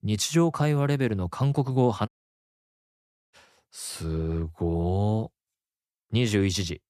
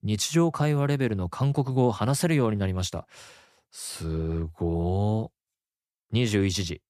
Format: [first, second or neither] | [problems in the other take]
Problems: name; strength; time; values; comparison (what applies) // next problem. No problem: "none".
second | audio cutting out; at 2 s for 1 s